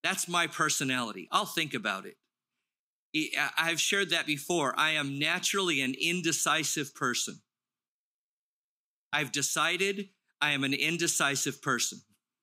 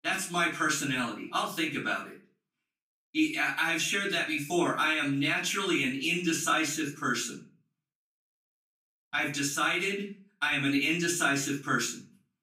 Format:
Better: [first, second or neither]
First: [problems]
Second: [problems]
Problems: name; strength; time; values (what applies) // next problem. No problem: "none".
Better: first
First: none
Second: off-mic speech; far // room echo; slight; dies away in 0.3 s